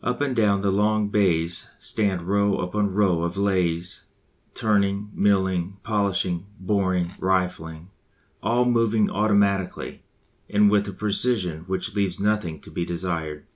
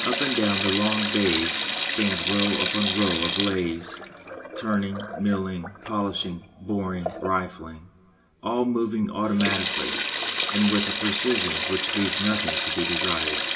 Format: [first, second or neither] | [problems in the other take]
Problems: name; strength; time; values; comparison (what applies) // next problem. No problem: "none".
first | background sound (Sink (filling or washing)); 2 dB below the speech // room echo; dies away in 1.5 s